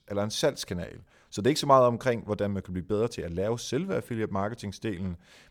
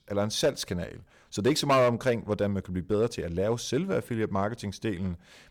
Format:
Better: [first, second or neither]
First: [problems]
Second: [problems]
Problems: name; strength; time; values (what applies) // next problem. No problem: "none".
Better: first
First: none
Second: distortion; slight; 2% of the sound clipped